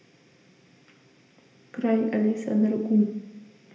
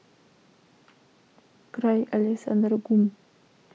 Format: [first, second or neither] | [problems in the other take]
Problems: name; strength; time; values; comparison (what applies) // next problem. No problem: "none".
second | room echo; dies away in 0.8 s